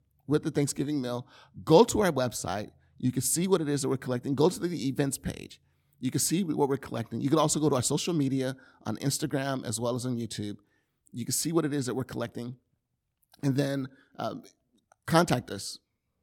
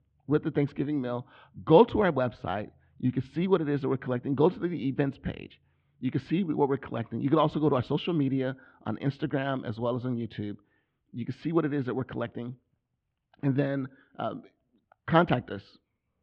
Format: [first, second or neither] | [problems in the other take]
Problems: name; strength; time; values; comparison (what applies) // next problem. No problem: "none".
first | muffled; very; fading above 3 kHz